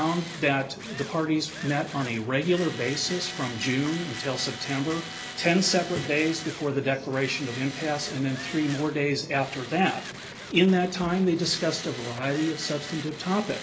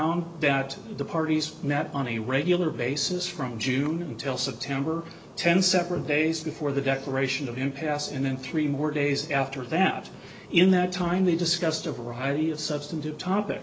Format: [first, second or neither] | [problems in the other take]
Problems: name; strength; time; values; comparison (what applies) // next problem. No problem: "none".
second | background sound (Tools); 13 dB below the speech